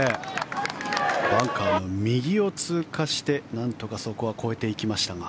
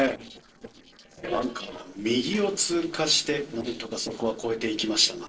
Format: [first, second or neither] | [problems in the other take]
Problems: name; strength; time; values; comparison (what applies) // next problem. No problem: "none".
first | noise reduction (neural separator model SepFormer DNS4)